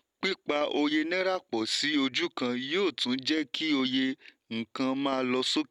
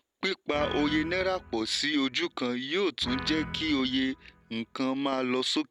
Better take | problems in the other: first | background sound (Guitar); 13 dB below the speech

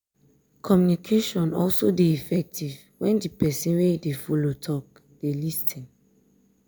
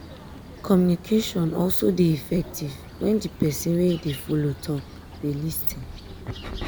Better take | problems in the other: first | background sound (Bird vocalization, bird call, bird song); 14 dB below the speech

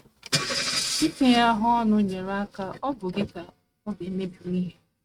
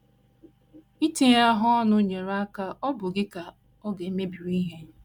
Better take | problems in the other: second | noise reduction (neural mask model RNNoise)

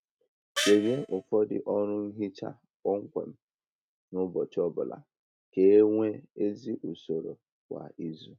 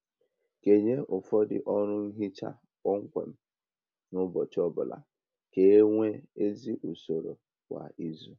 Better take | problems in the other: second | noise reduction (neural mask model RNNoise)

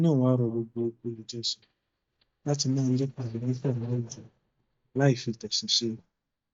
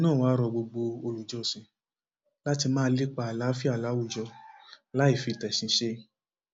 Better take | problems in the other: second | noise reduction (neural mask model DeepFilterNet 3)

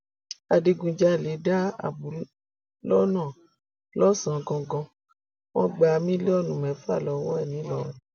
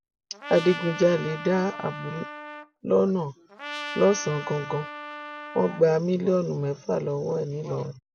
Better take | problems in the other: first | background sound (Trumpet); 12 dB below the speech

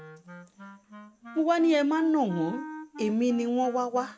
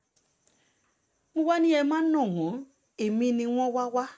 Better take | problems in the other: second | background sound (Wind instrument, woodwind instrument); 16 dB below the speech

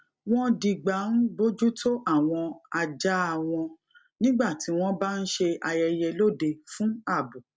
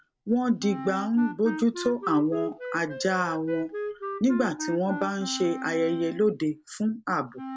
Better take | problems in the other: first | background sound (Wind instrument, woodwind instrument); 10 dB below the speech

